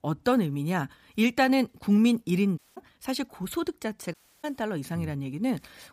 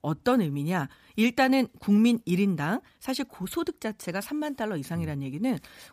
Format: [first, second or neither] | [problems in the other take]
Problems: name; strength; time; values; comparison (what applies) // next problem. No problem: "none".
second | audio cutting out; at 2.5 s and at 4 s